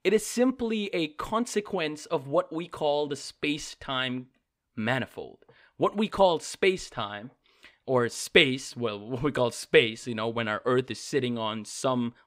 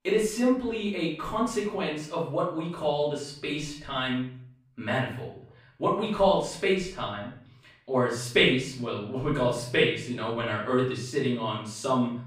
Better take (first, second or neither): first